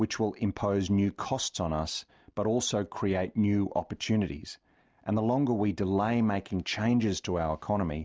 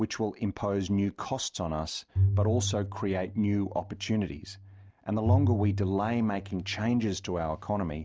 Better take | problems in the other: first | background sound (Bowed string instrument); 1 dB below the speech

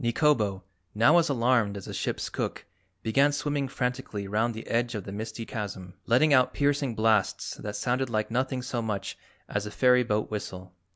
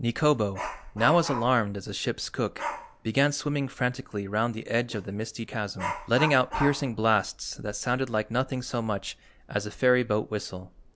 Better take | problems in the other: first | background sound (Dog); 12 dB below the speech

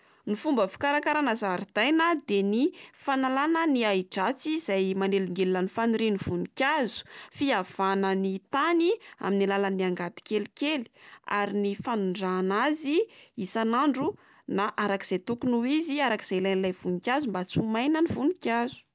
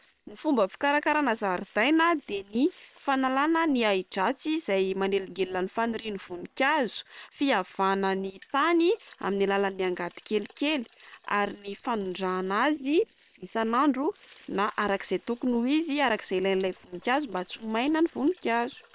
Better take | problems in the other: first | noise reduction (neural separator model SepFormer WHAM!)

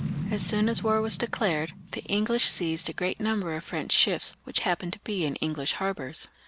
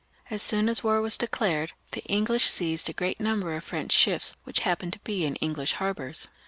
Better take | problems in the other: second | background sound (Boom); 11 dB below the speech

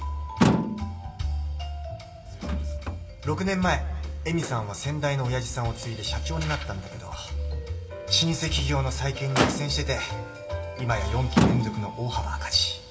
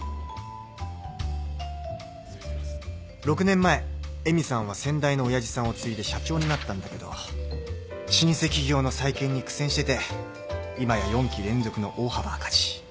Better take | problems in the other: second | background sound (Motor vehicle (road)); 4 dB below the speech // room echo; dies away in 2.1 s

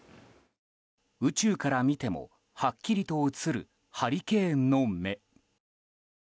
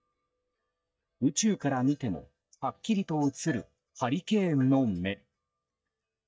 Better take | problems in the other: first | noise reduction (neural mask model DeepFilterNet 3)

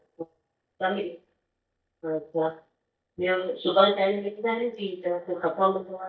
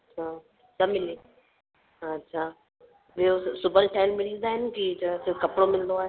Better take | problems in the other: second | noise reduction (neural mask model DeepFilterNet 3)

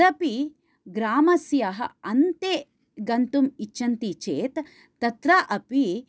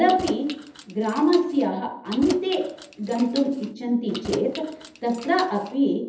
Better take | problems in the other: first | background sound (Keys jangling); 16 dB below the speech // room echo; dies away in 0.7 s

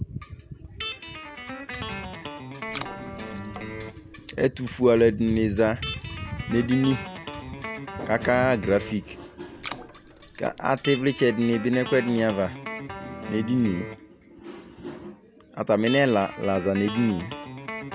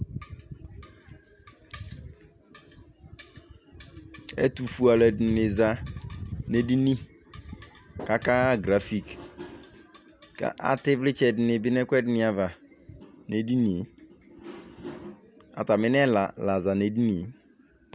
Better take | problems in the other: second | background sound (Guitar + Water / Splash, splatter); 11 dB below the speech

